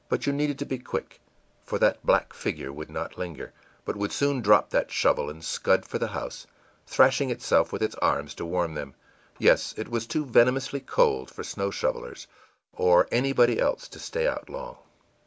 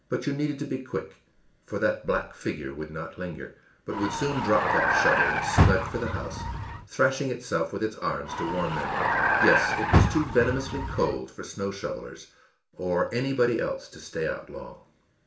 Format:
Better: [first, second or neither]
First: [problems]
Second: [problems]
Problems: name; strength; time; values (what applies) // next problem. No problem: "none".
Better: first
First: none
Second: background sound (Vehicle); 4 dB above the speech // room echo; dies away in 0.4 s